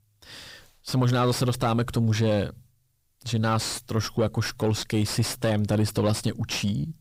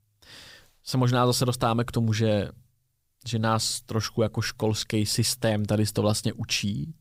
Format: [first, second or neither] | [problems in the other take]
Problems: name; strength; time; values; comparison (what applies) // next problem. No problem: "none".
second | distortion; slight; 10 dB below the speech